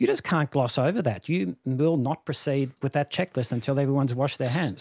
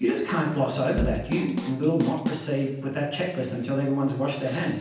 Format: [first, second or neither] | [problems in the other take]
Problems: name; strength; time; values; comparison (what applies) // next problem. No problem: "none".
first | background sound (Drum kit); 7 dB below the speech // room echo; dies away in 0.9 s